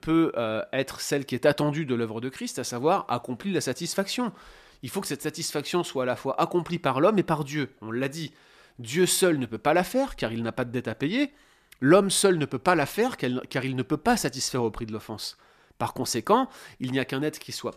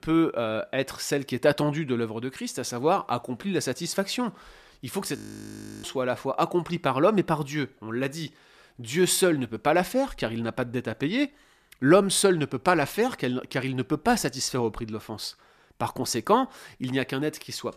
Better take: first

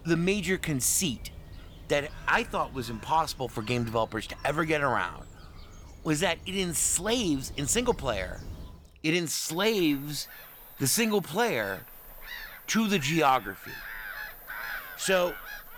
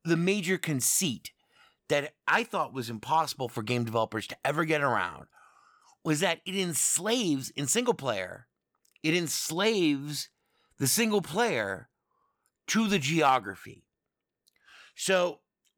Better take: second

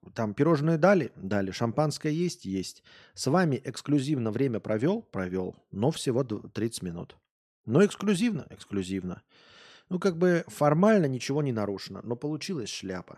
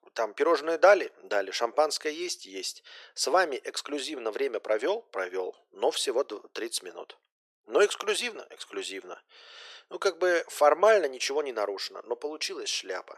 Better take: first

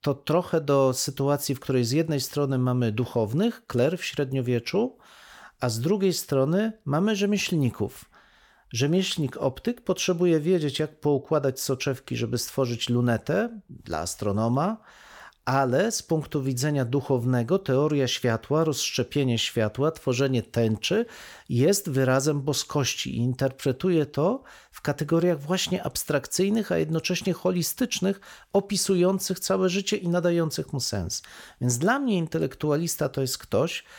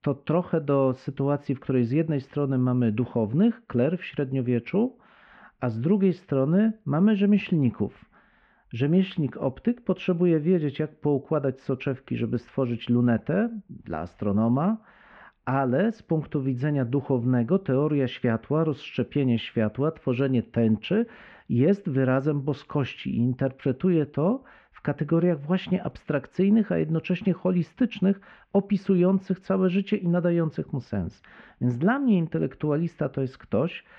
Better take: first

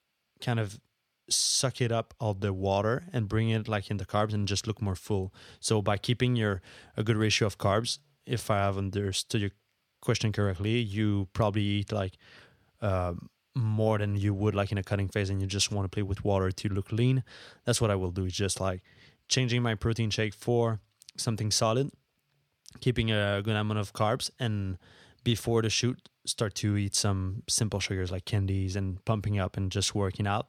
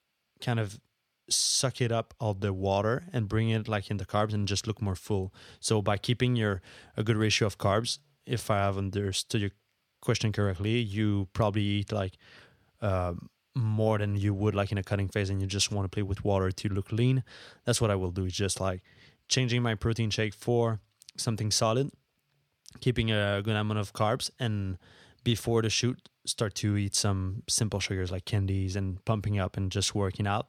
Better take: neither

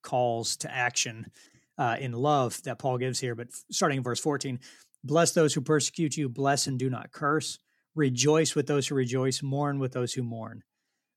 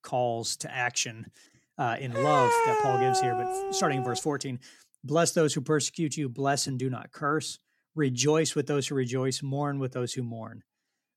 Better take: first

